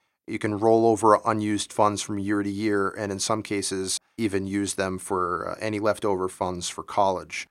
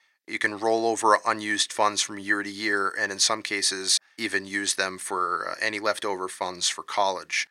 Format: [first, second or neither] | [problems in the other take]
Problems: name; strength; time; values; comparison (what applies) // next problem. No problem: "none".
first | thin; somewhat; fading below 1 kHz